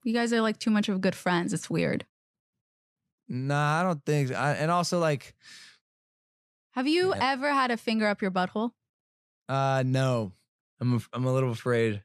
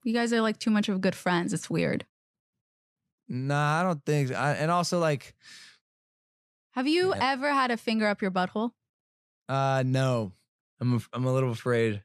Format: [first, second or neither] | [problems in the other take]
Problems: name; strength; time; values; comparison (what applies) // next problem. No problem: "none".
neither | none